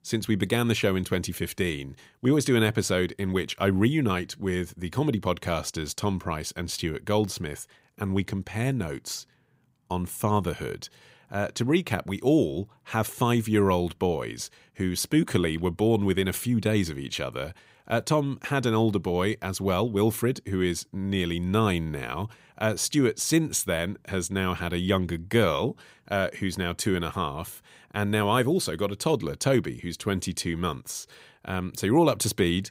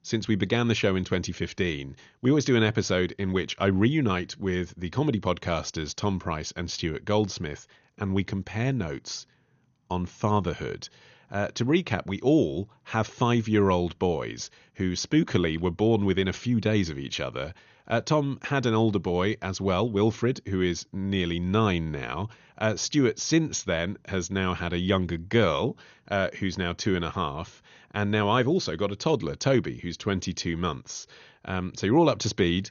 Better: first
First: none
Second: garbled, watery; slightly; nothing above 6.5 kHz

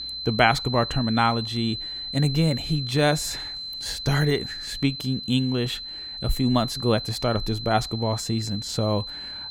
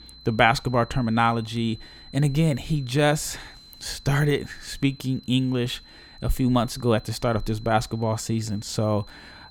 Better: second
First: high-pitched whine; loud; throughout; 4 kHz, 7 dB below the speech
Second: high-pitched whine; faint; throughout; 4 kHz, 20 dB below the speech

